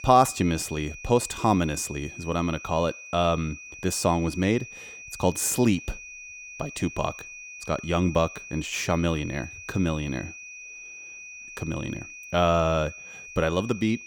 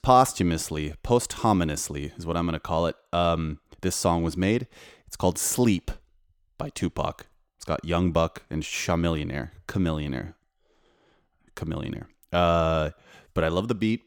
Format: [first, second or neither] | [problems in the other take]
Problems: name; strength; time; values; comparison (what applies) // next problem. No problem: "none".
second | high-pitched whine; noticeable; throughout; 2.5 kHz, 15 dB below the speech